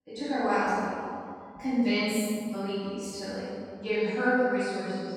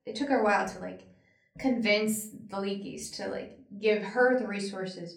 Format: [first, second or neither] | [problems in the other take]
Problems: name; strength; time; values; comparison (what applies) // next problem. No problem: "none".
second | room echo; strong; dies away in 2 s; slight in the second // off-mic speech; far; far in the second